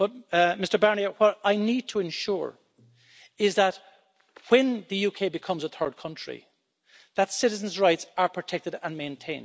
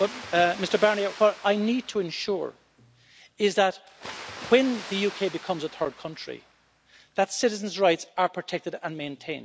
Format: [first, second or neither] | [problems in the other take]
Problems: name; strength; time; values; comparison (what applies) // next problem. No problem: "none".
first | background sound (Water); 17 dB below the speech